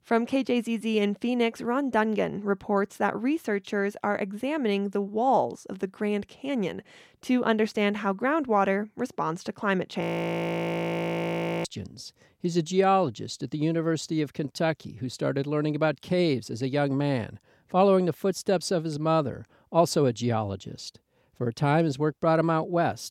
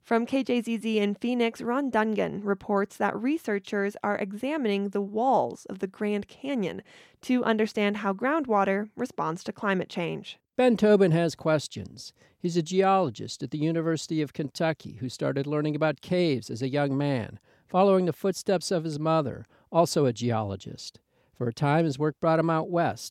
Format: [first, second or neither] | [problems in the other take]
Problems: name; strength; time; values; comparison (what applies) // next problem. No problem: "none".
second | audio freezing; at 10 s for 1.5 s